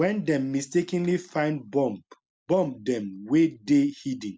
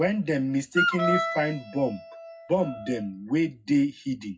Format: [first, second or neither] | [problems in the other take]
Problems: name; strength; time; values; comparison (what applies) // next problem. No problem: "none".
first | noise reduction (classical method WPE with log-MMSE)